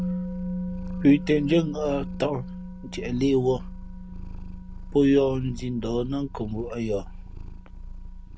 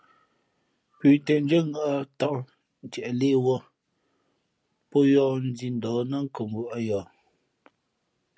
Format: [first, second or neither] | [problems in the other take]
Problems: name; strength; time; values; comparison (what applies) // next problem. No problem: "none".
second | background sound (Musical instrument + Purr); 8 dB below the speech